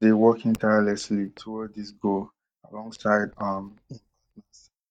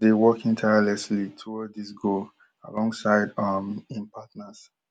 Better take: second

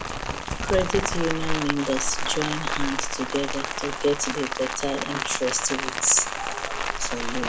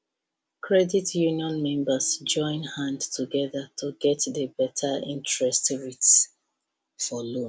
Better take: second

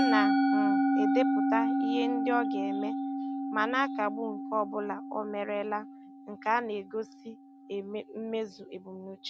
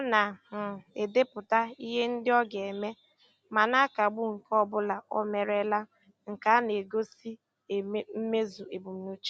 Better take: second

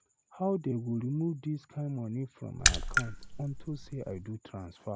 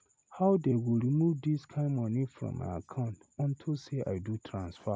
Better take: second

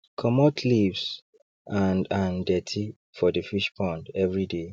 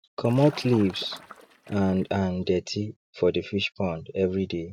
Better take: first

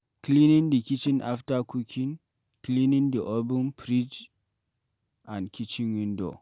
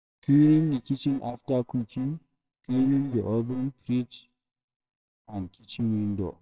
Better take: first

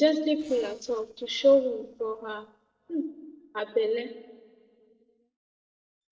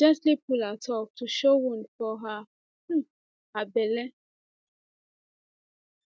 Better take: second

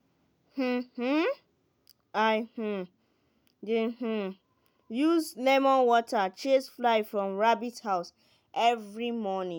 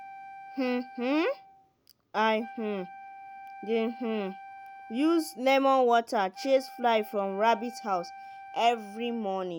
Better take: first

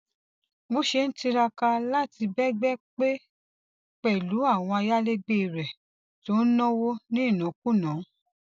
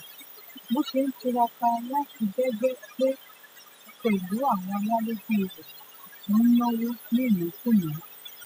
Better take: first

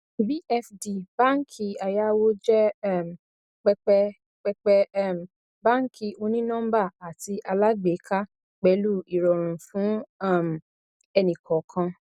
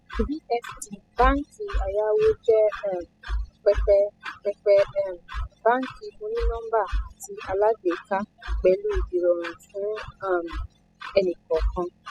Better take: first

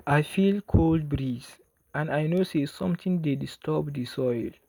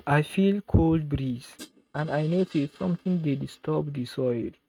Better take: first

